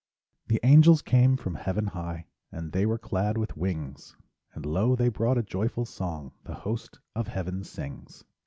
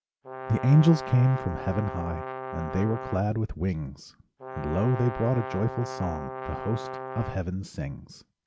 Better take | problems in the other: first | background sound (Brass instrument); 10 dB below the speech

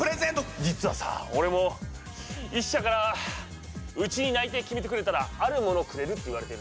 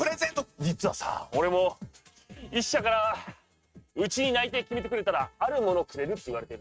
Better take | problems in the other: first | noise reduction (neural mask model RNNoise)

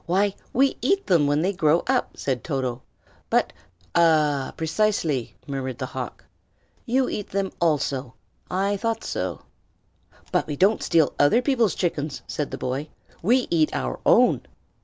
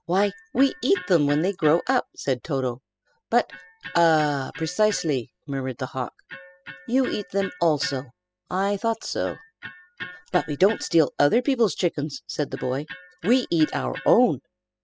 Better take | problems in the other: first | noise reduction (classical method spectral subtraction)

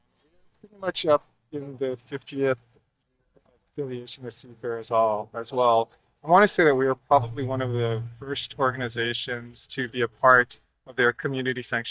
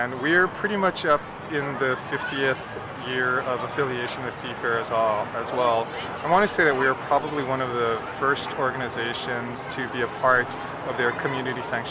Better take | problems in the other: second | noise reduction (neural mask model DeepFilterNet 3)

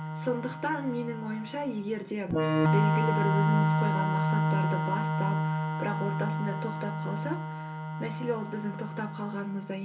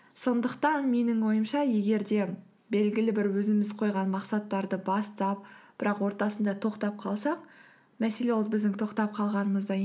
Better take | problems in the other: second | background sound (Organ); 5 dB above the speech // room echo; dies away in 0.2 s

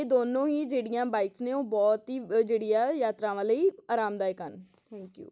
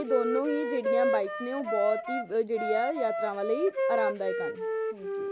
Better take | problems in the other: first | background sound (Wind instrument, woodwind instrument); as loud as the speech

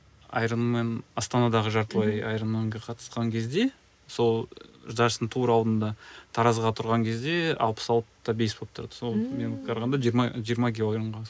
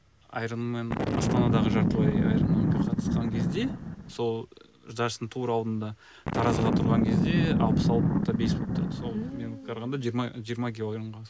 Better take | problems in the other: first | background sound (Boom); 4 dB above the speech

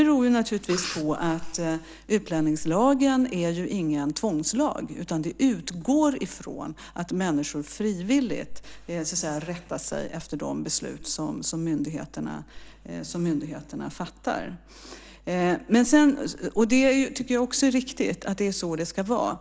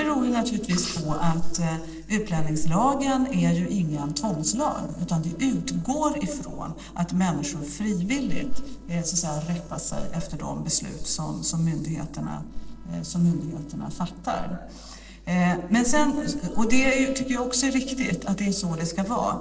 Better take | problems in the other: first | noise reduction (neural separator model SepFormer DNS4)

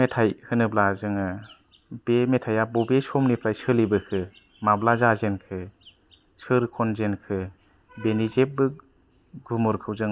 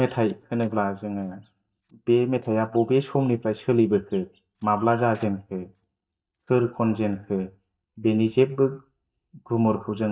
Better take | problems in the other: first | noise reduction (neural mask model DeepFilterNet 3)

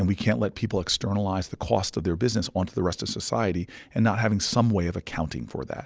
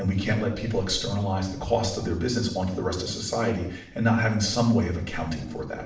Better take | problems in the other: first | room echo; dies away in 0.6 s

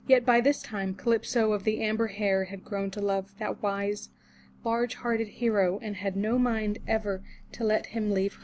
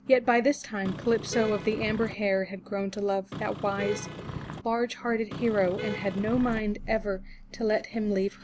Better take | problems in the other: first | background sound (Vehicle horn, car horn, honking); 9 dB below the speech

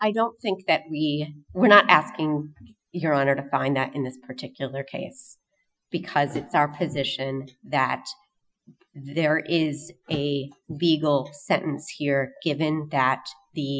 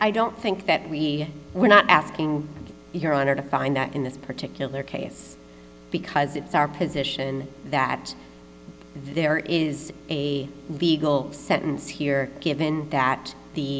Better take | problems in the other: second | noise reduction (classical method Wiener filter)

